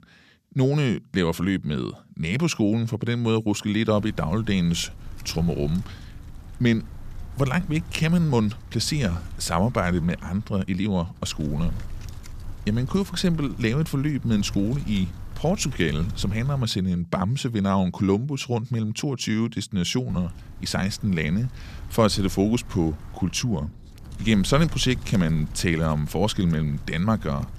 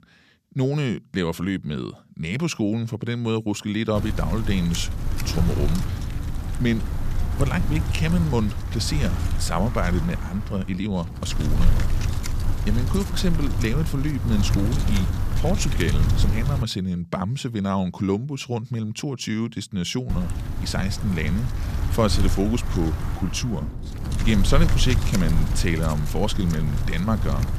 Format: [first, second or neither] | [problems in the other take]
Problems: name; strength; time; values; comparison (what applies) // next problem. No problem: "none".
first | wind noise on the microphone; heavy; from 4 to 17 s and from 20 s on; 7 dB below the speech; occasional gusts in the first